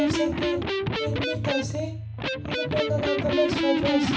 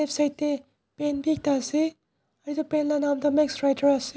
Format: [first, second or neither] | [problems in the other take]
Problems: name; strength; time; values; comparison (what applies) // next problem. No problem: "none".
second | background sound (Electric guitar); 3 dB above the speech // room echo; dies away in 0.3 s